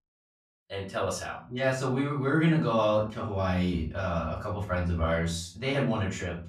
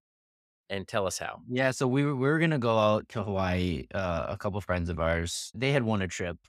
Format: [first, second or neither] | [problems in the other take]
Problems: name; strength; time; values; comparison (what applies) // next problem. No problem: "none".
second | off-mic speech; far // room echo; slight; dies away in 0.4 s